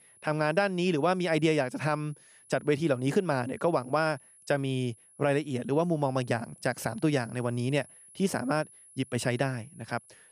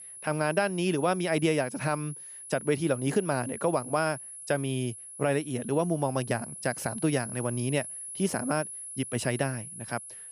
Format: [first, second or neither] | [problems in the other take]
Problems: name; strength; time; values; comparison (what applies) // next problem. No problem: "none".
first | high-pitched whine; loud; throughout; 10.5 kHz, 10 dB below the speech; faint in the first